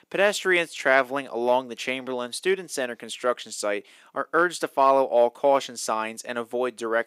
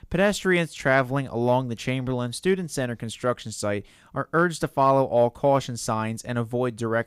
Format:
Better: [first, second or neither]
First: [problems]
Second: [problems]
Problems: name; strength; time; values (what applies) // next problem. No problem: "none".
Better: second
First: thin; somewhat; fading below 350 Hz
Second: none